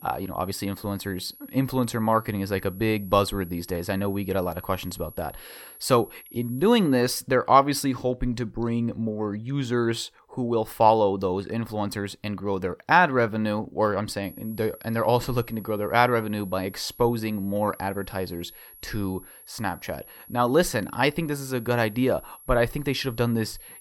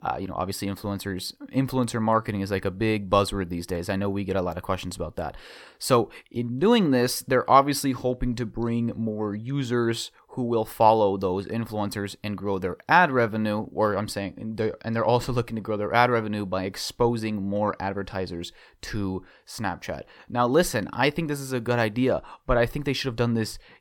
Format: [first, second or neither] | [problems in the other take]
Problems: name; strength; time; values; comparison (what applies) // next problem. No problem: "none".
second | high-pitched whine; noticeable; until 7 s and from 14 s on; 11.5 kHz, 20 dB below the speech